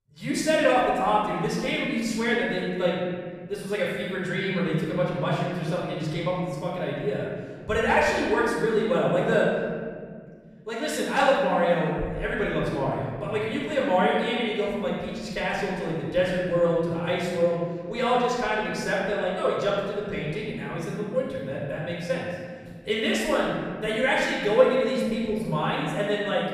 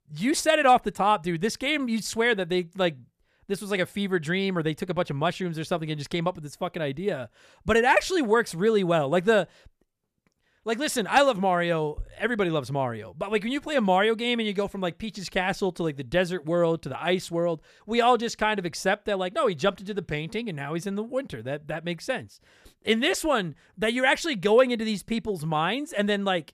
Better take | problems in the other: second | off-mic speech; far // room echo; strong; dies away in 2 s

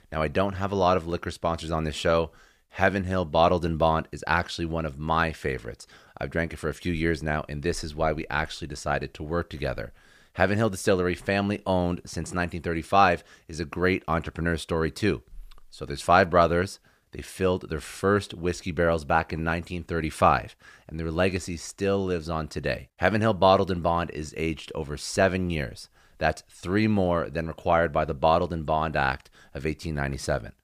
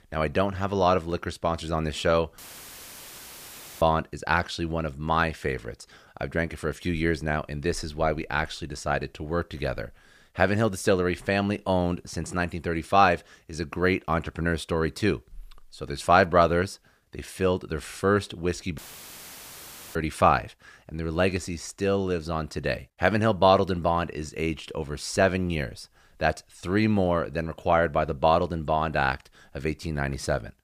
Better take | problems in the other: first | audio cutting out; filled with static; at 2.5 s for 1.5 s and at 19 s for 1 s

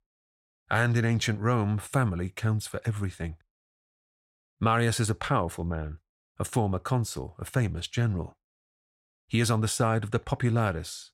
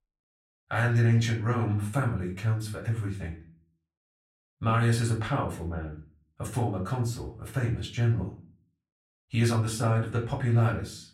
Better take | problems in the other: first | room echo; slight; dies away in 0.4 s // off-mic speech; far

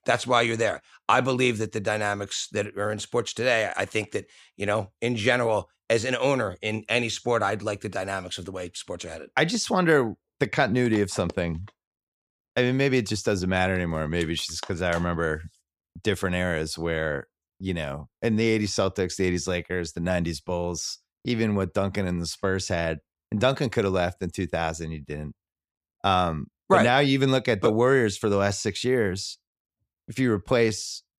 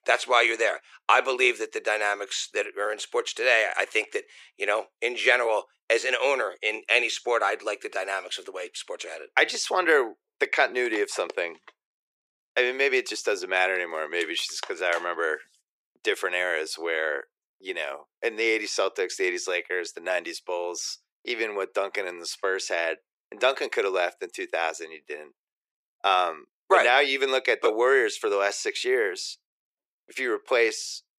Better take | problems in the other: first | thin; very; fading below 350 Hz

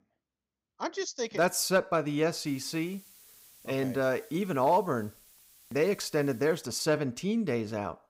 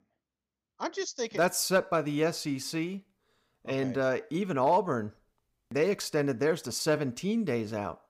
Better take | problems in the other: second | hiss; faint; from 2.5 to 6.5 s; 25 dB below the speech

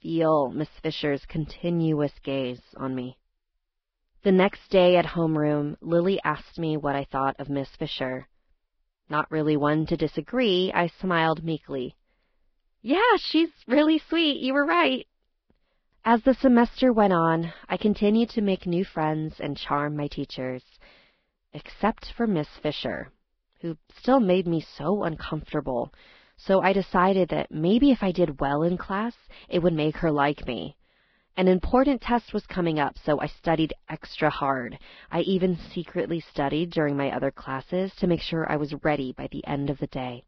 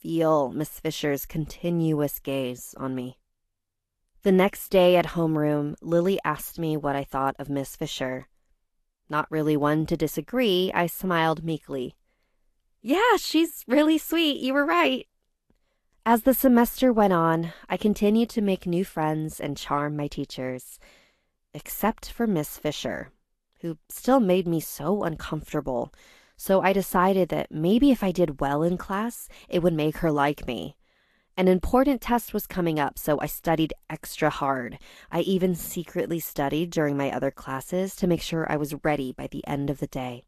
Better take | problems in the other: second | garbled, watery; badly; nothing above 5 kHz; slightly in the second

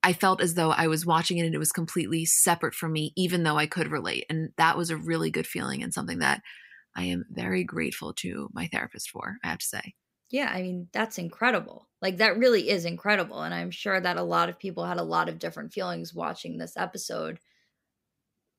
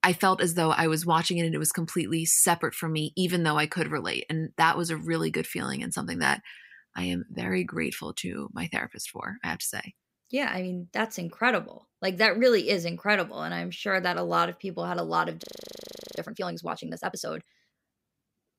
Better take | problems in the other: first | audio freezing; at 15 s for 0.5 s

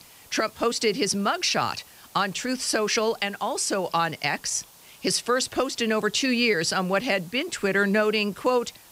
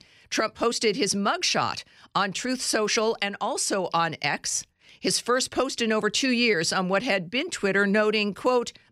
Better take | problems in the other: second | hiss; faint; throughout; 25 dB below the speech

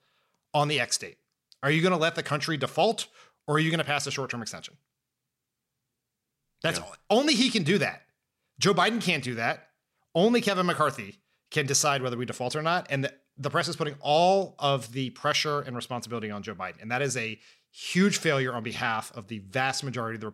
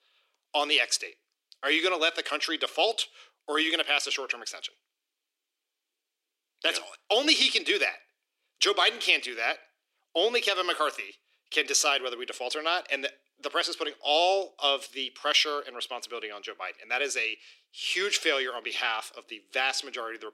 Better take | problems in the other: first | thin; very; fading below 300 Hz

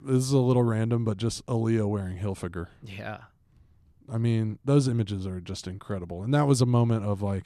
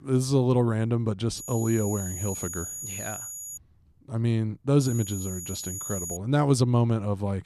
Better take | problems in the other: first | high-pitched whine; loud; from 1.5 to 3.5 s and from 5 to 6 s; 7 kHz, 8 dB below the speech

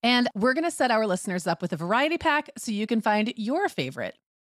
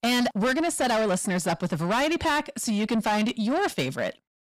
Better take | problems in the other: first | distortion; heavy; 8 dB below the speech

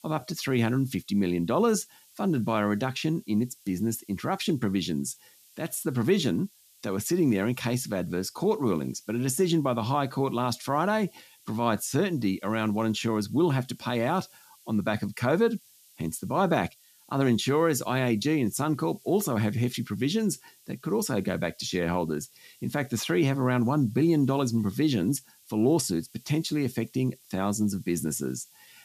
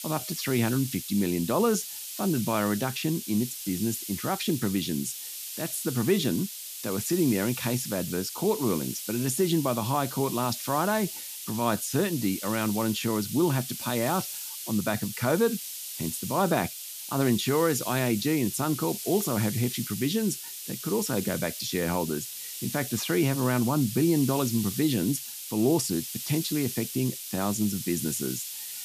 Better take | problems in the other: first | hiss; loud; throughout; 7 dB below the speech; faint in the first

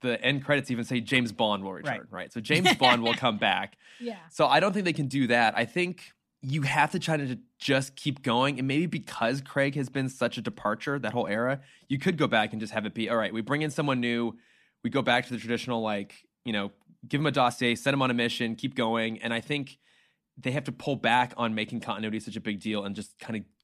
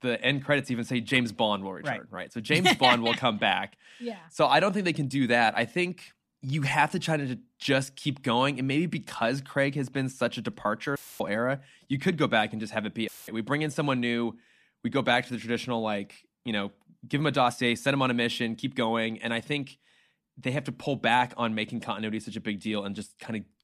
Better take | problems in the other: first | audio cutting out; filled with static; at 11 s and at 13 s

